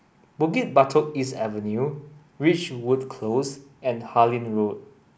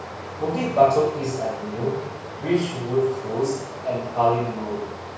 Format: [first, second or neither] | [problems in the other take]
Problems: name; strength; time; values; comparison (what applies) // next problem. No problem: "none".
first | background sound (Stream); 11 dB below the speech // room echo; dies away in 0.7 s